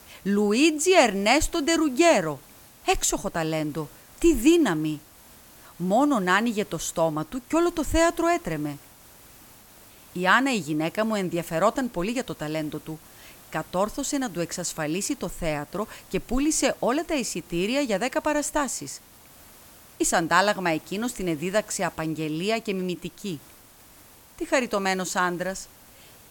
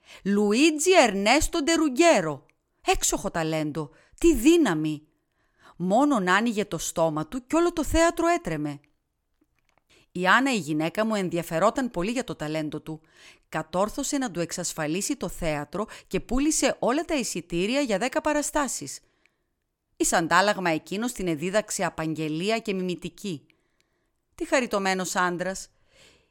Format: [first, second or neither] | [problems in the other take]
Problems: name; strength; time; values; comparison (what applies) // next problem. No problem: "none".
second | hiss; faint; throughout; 25 dB below the speech